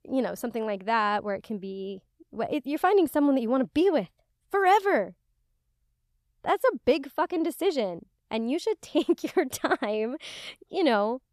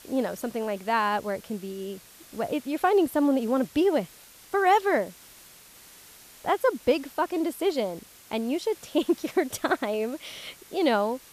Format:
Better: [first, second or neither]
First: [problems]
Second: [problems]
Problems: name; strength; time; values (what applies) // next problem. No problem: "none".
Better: first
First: none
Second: hiss; faint; throughout; 20 dB below the speech